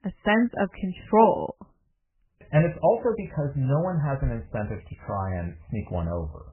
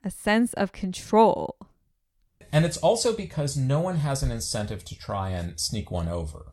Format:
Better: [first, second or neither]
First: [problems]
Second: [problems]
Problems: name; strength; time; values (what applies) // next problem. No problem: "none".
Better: second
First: garbled, watery; badly; nothing above 3 kHz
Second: none